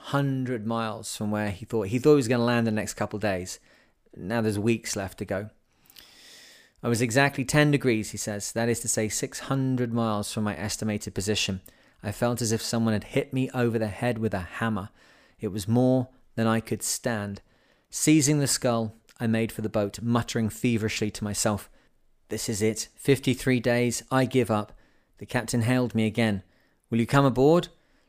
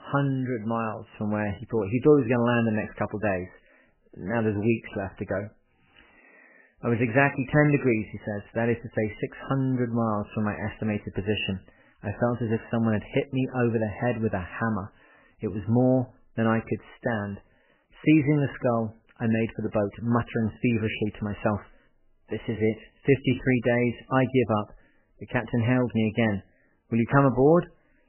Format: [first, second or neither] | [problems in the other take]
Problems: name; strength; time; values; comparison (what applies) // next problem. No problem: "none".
first | garbled, watery; badly; nothing above 3 kHz